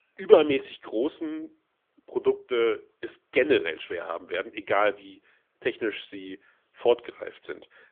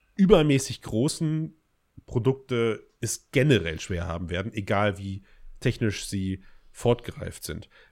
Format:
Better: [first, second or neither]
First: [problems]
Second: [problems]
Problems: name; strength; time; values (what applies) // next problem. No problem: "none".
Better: second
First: phone-call audio; nothing above 3.5 kHz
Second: none